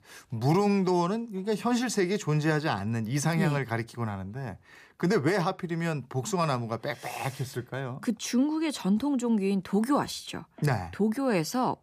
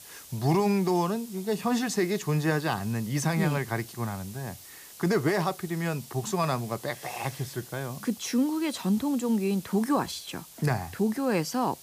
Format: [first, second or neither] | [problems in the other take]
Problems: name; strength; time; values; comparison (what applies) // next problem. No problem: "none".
first | hiss; noticeable; throughout; 15 dB below the speech